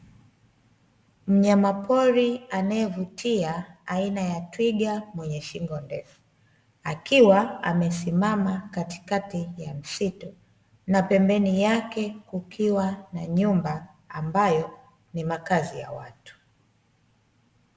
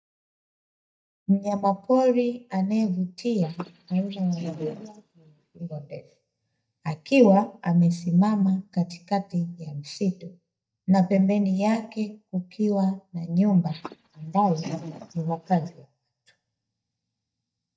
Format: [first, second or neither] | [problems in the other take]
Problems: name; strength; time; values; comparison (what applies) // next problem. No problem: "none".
first | noise reduction (neural mask model DeepFilterNet 3)